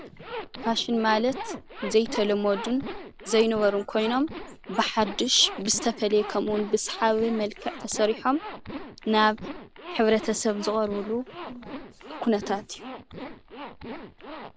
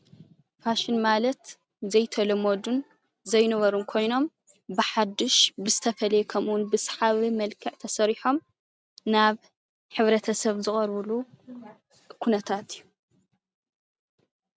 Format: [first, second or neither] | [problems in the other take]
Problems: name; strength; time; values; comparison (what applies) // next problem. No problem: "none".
second | background sound (Zipper (clothing)); 12 dB below the speech